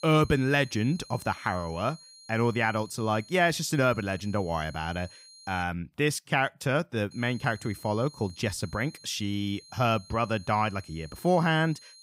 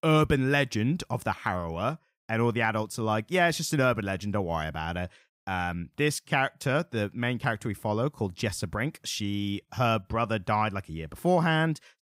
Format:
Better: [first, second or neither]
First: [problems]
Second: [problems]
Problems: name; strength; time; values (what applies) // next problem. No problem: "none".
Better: second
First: high-pitched whine; faint; until 5.5 s and from 7 s on; 4 kHz, 20 dB below the speech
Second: none